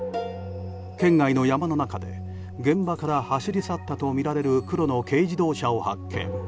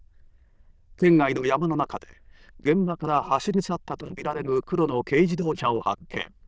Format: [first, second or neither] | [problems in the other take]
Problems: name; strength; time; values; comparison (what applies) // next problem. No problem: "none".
first | noise reduction (neural diffusion model UNIVERSE++)